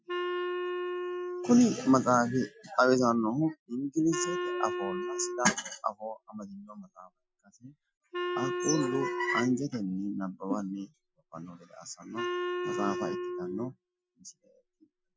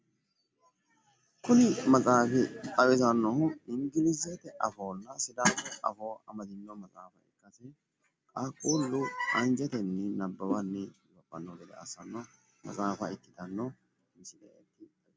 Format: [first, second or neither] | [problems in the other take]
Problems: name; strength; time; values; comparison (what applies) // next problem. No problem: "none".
second | noise reduction (classical method Wiener filter)